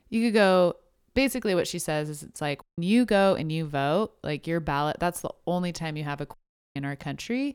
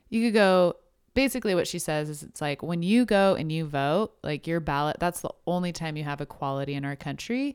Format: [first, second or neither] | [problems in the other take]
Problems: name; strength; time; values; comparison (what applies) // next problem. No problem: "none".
second | audio cutting out; at 2.5 s and at 6.5 s